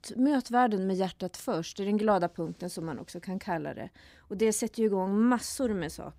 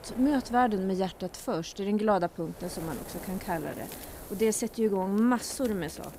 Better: first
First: none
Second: wind noise on the microphone; occasional gusts; 15 dB below the speech

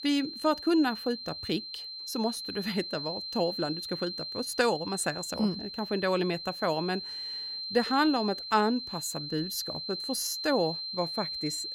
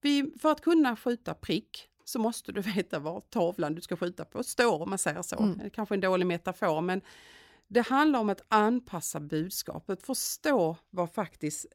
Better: second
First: high-pitched whine; loud; throughout; 4 kHz, 5 dB below the speech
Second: none

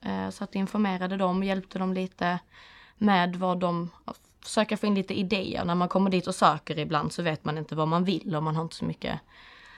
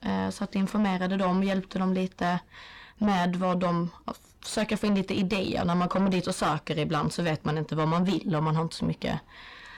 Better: first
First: none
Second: distortion; heavy; 7 dB below the speech

